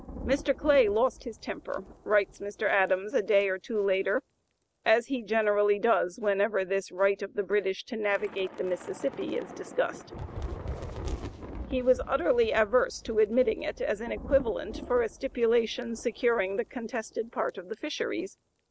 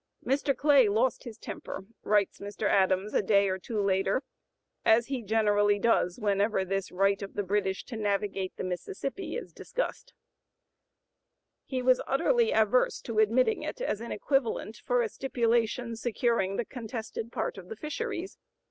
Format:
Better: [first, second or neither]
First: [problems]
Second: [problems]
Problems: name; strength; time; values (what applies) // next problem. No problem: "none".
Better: second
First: background sound (Thunder / Rain); 15 dB below the speech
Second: none